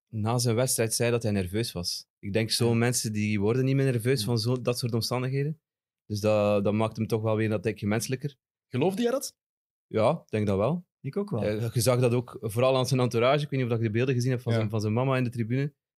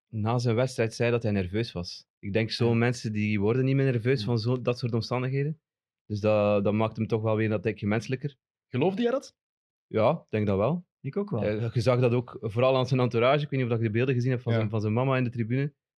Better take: first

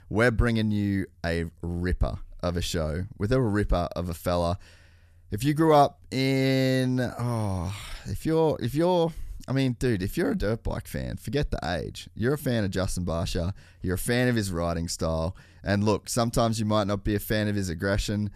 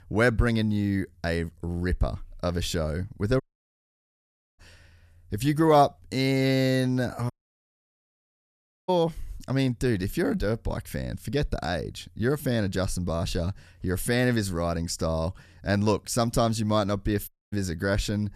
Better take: first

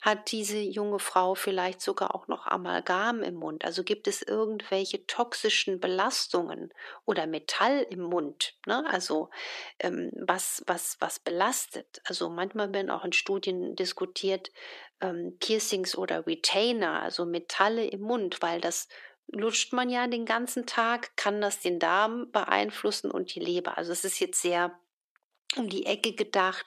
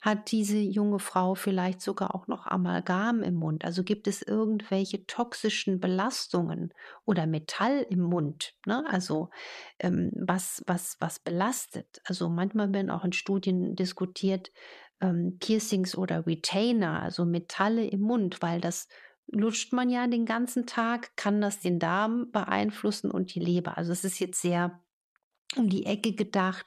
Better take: second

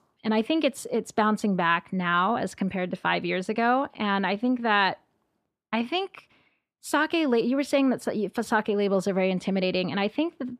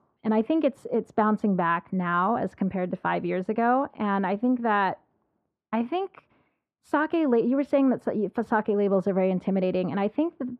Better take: first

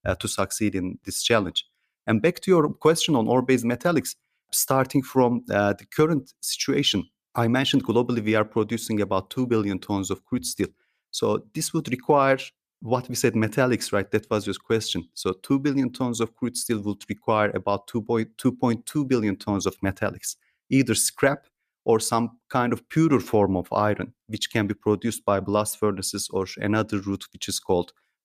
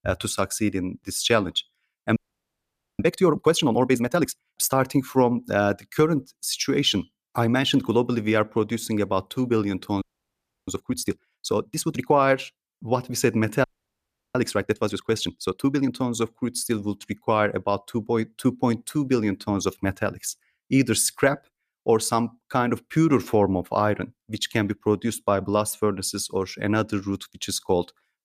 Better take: first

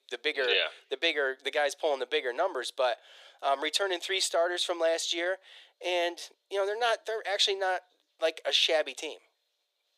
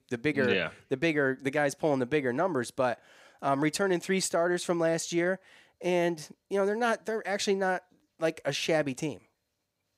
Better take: second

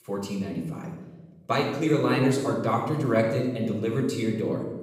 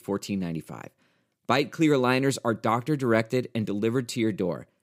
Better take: second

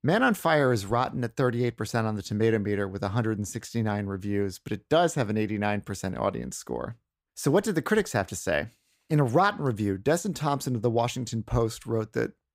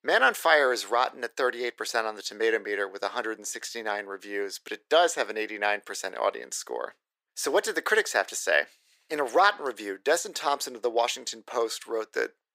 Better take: first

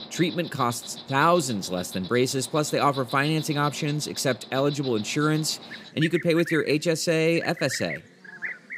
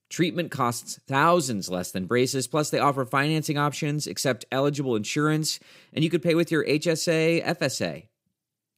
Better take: second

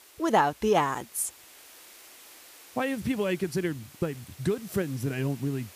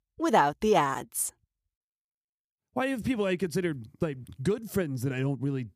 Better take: second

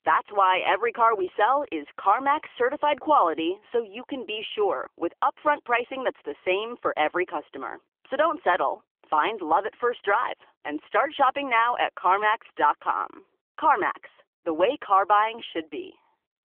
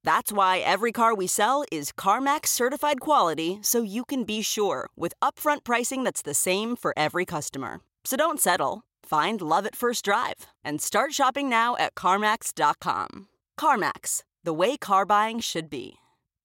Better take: second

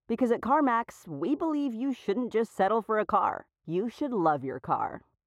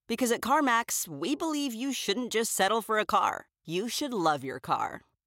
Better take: second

